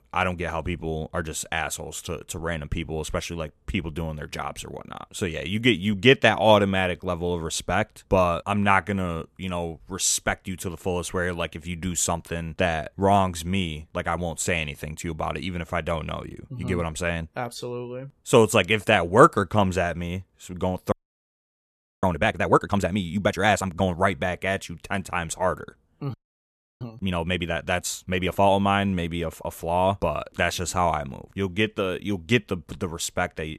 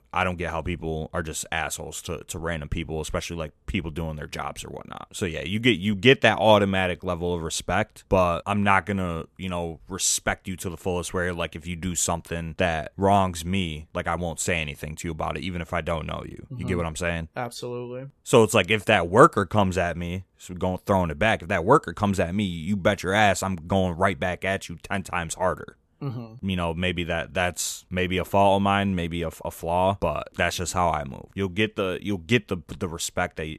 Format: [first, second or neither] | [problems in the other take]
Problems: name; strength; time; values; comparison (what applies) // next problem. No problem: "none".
second | audio freezing; at 21 s for 1 s and at 26 s for 0.5 s